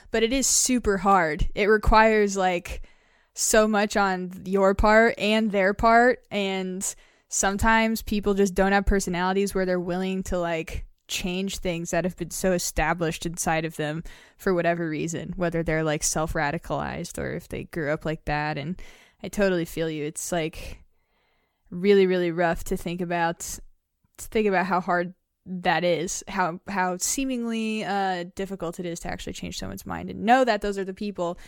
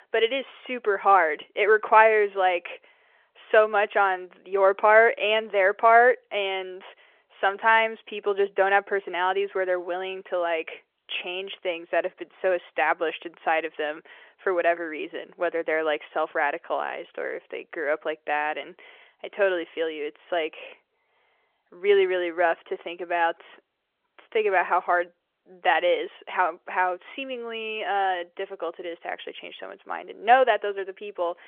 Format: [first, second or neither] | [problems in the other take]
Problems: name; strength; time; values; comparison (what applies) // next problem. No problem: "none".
first | phone-call audio